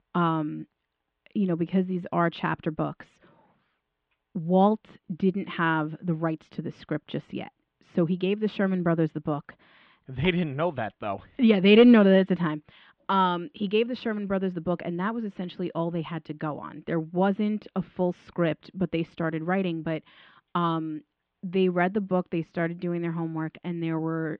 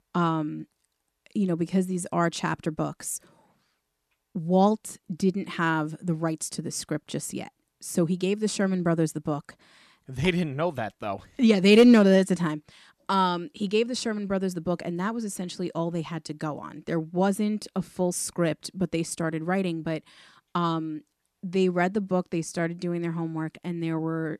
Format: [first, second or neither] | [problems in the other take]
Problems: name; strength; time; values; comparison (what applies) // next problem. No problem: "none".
second | muffled; very; fading above 3.5 kHz